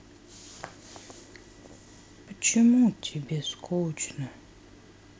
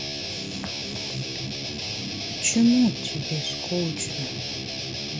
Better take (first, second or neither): first